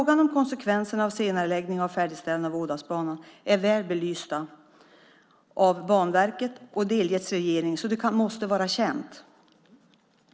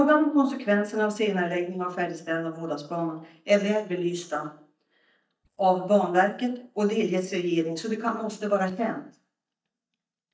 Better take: first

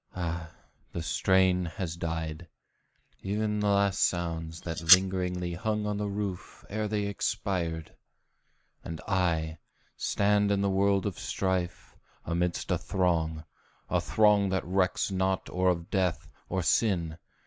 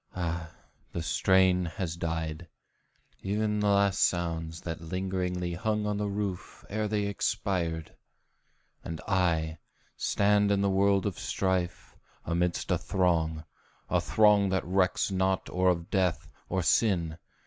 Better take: second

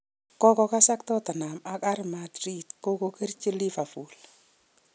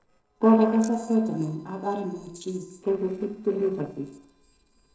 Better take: first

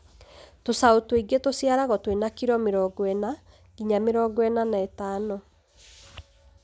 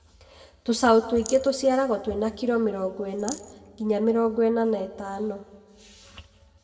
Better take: first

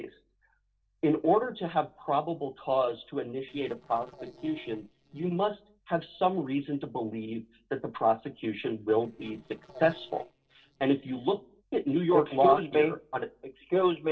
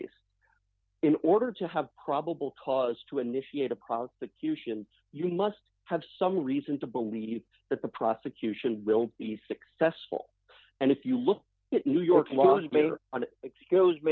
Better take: second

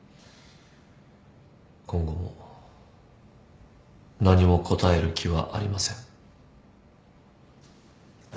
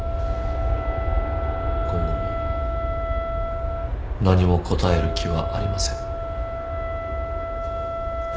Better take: first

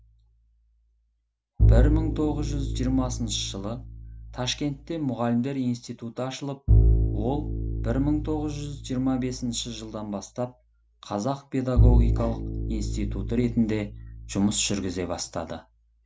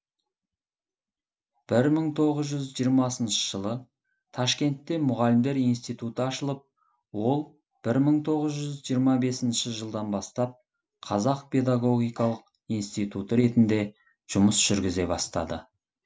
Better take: second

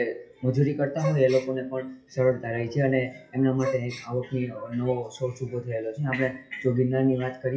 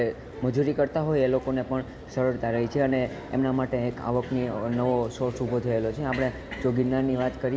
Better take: second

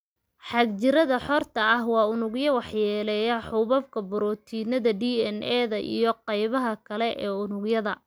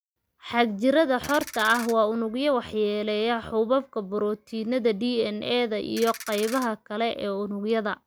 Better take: first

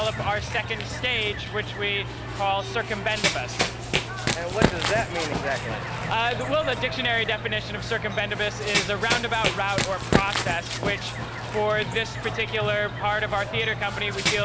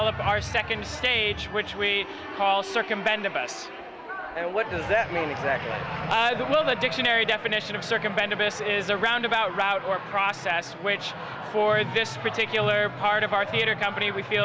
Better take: second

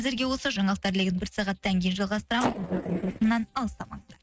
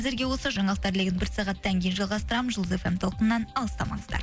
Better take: second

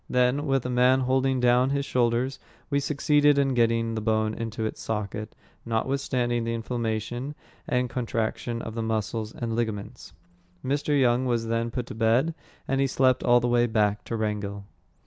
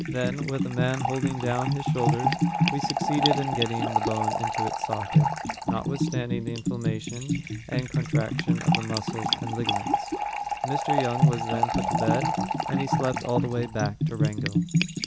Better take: first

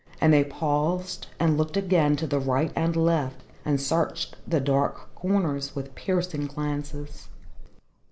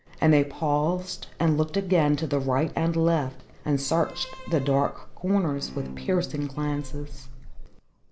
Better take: first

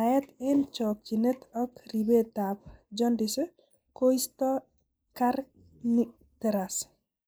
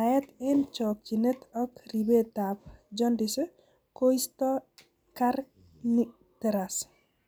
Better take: second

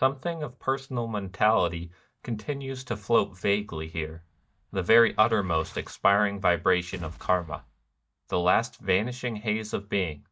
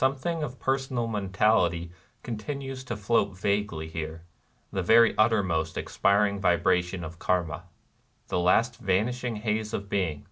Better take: second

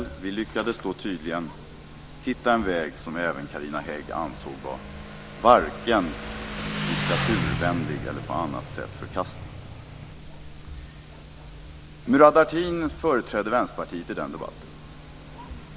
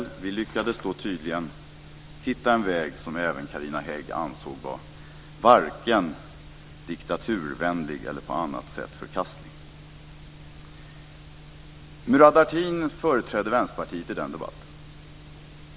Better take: second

